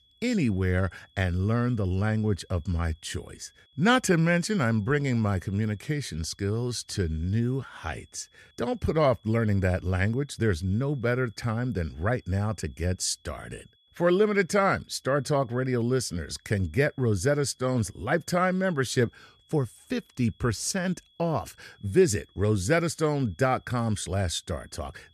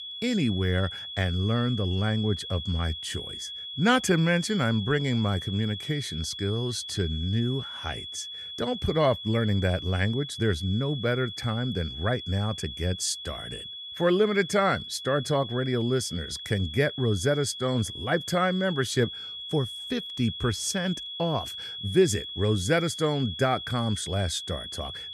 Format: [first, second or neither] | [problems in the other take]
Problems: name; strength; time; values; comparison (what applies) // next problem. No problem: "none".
first | high-pitched whine; loud; throughout; 3.5 kHz, 8 dB below the speech; faint in the first